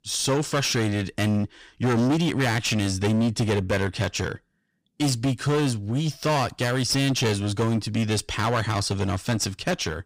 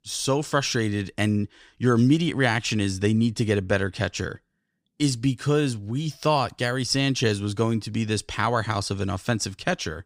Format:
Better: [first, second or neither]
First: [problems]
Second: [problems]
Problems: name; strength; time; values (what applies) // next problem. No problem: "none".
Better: second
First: distortion; heavy; 16% of the sound clipped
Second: none